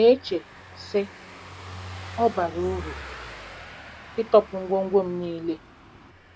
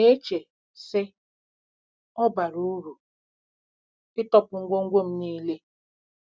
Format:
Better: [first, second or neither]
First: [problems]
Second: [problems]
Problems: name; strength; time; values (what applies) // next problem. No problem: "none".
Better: second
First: background sound (Car passing by / Engine); 15 dB below the speech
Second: none